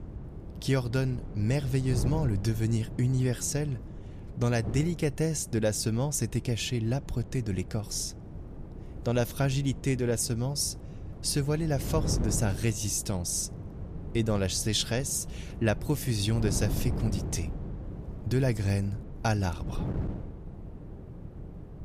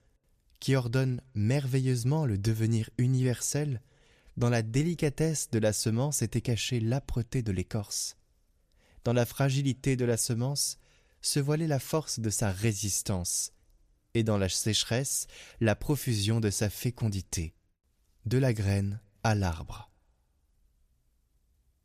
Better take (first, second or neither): second